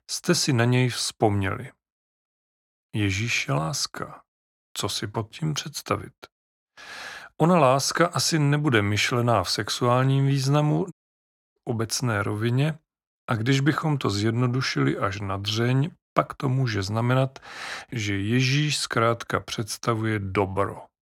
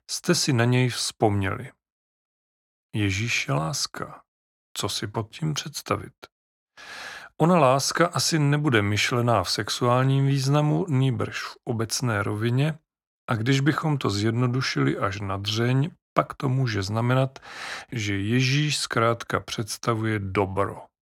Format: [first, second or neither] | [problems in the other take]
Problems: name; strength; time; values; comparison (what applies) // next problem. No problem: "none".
second | audio cutting out; at 11 s for 0.5 s